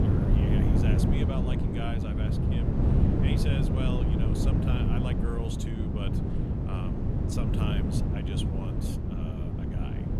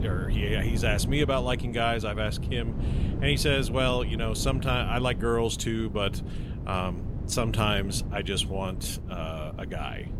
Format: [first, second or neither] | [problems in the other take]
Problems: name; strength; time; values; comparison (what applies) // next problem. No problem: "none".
second | wind noise on the microphone; heavy; 4 dB above the speech; occasional gusts in the second